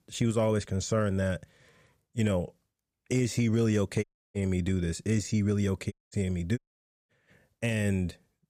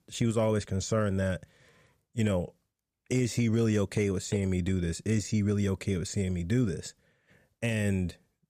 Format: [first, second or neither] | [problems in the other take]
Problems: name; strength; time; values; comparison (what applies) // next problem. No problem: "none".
second | audio cutting out; at 4 s, at 6 s and at 6.5 s for 0.5 s